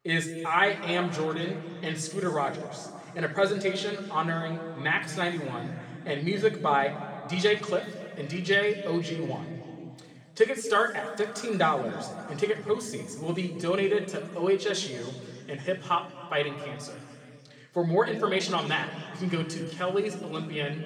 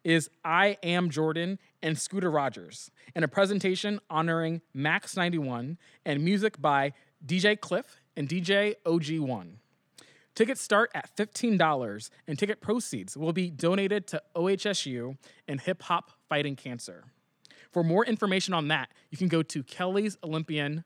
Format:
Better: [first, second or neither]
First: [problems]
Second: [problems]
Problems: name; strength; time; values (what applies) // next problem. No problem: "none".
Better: second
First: room echo; noticeable; dies away in 2.3 s // off-mic speech; somewhat distant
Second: none